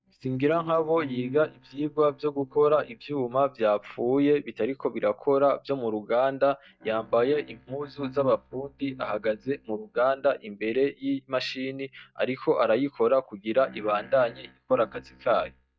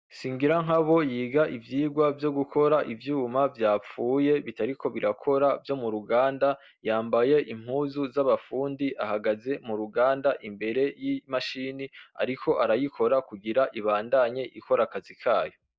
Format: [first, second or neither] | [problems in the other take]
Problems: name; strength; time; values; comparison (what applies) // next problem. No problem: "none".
second | noise reduction (neural mask model DeepFilterNet 3)